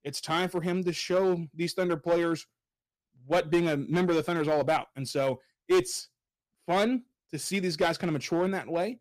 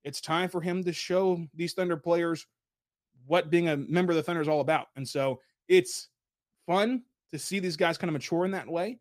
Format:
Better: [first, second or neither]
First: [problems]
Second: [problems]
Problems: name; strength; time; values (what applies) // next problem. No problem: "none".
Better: second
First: distortion; slight; 4% of the sound clipped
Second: none